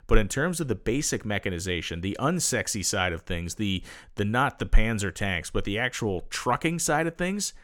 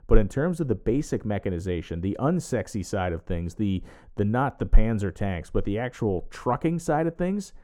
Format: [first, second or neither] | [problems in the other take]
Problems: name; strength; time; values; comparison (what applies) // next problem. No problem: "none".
first | muffled; slightly; fading above 1.5 kHz